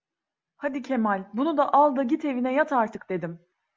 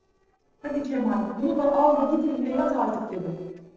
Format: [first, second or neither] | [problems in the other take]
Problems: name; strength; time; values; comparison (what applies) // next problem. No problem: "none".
first | noise reduction (neural separator model SepFormer DNS4)